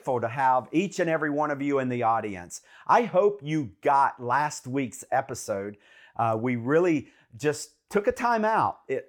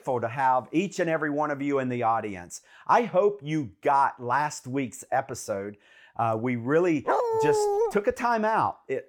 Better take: first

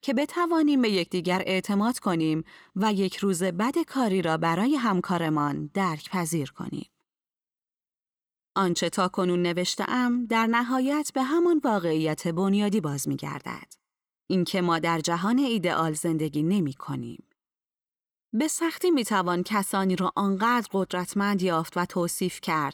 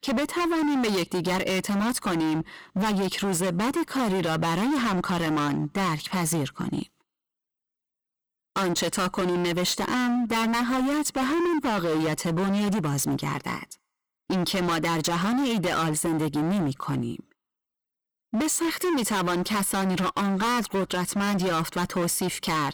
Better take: first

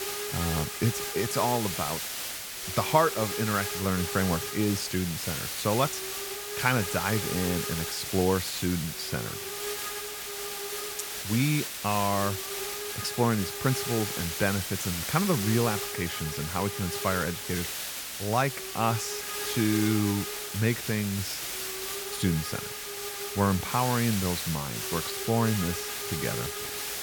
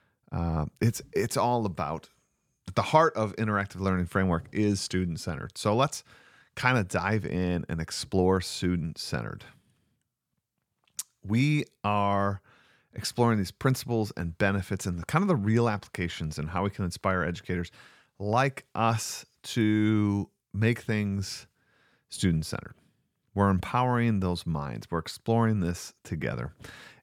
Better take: second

